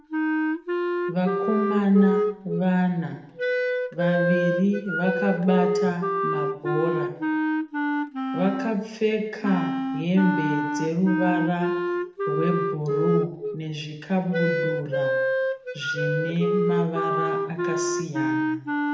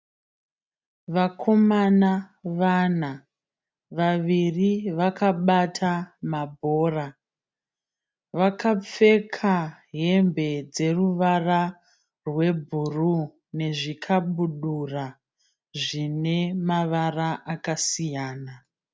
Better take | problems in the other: second | background sound (Wind instrument, woodwind instrument); as loud as the speech // room echo; dies away in 0.7 s

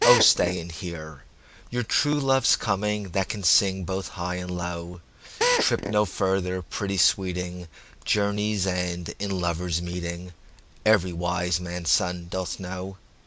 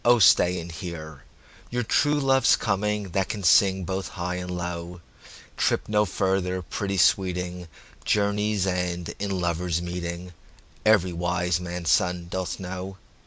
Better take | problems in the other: second | background sound (Drill); as loud as the speech

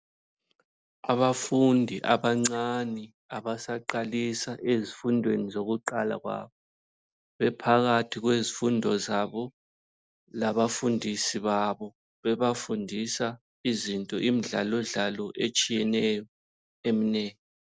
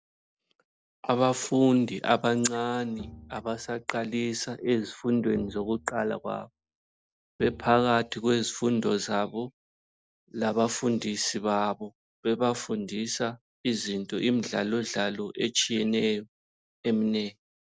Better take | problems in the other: first | background sound (Bowed string instrument); 20 dB below the speech

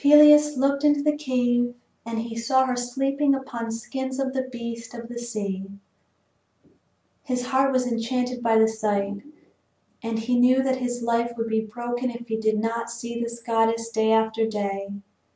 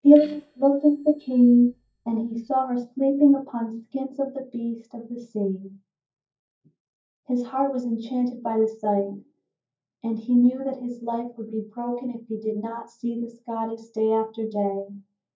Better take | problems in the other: first | noise reduction (neural mask model DeepFilterNet 3)

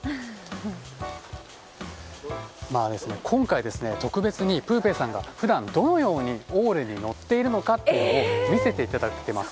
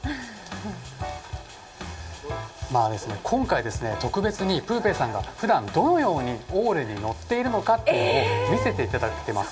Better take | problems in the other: first | room echo; dies away in 0.3 s

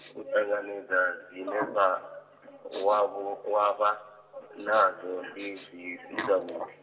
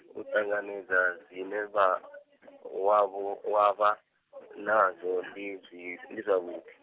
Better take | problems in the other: second | background sound (Respiratory sounds); 14 dB below the speech // room echo; dies away in 2.8 s

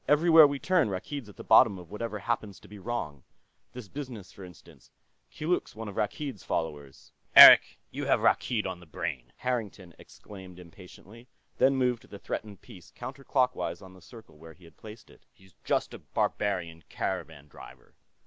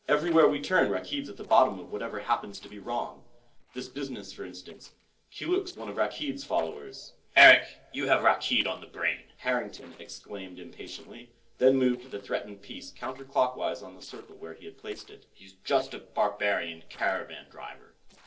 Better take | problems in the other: first | noise reduction (neural separator model SepFormer DNS4)

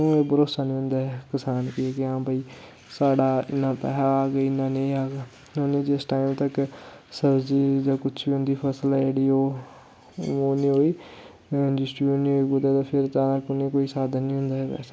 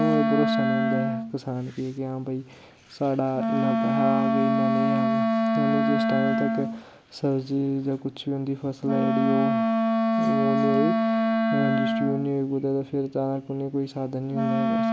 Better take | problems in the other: first | background sound (Wind instrument, woodwind instrument); 2 dB above the speech

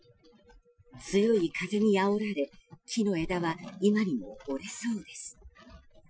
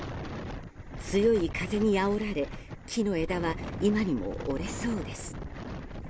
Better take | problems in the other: second | noise reduction (classical method Wiener filter)

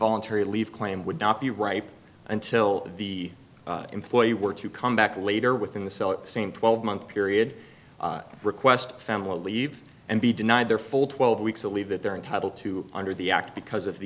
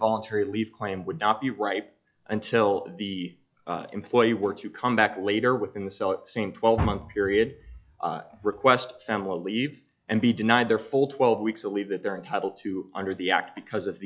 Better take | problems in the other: first | noise reduction (classical method log-MMSE)

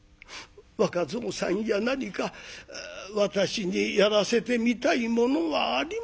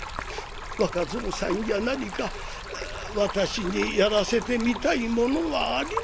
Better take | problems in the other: first | background sound (Stream); 8 dB below the speech

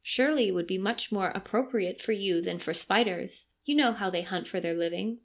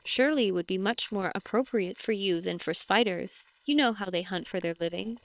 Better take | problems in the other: first | noise reduction (neural separator model SepFormer WHAM!)

